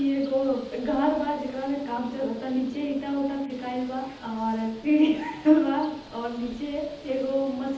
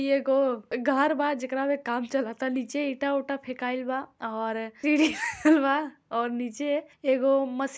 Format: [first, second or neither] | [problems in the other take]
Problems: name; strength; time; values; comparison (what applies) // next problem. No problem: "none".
second | background sound (Bird); 20 dB below the speech // room echo; dies away in 1.3 s